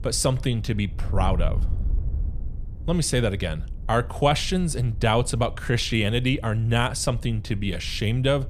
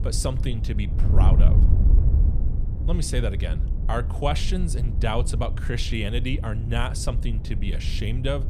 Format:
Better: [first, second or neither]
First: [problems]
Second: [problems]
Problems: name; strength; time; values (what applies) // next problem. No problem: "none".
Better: first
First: wind noise on the microphone; occasional gusts; 25 dB below the speech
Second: wind noise on the microphone; heavy; 9 dB below the speech